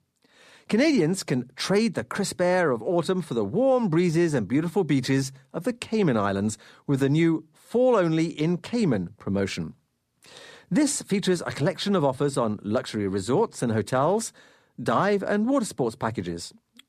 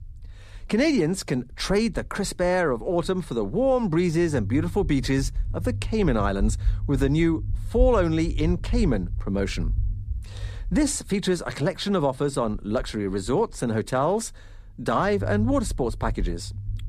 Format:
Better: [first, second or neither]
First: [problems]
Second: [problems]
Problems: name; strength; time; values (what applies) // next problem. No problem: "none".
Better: first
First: none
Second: low rumble; faint; throughout; 25 dB below the speech